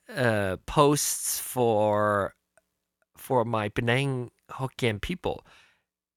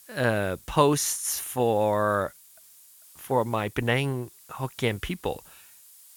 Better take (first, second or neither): first